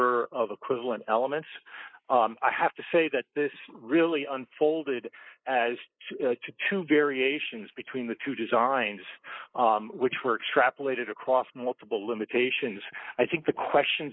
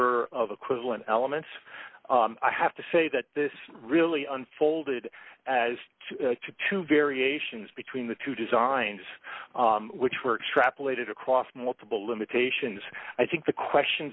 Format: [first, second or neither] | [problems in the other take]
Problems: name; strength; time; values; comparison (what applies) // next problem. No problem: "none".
second | noise reduction (neural mask model Resemble Enhance denoiser)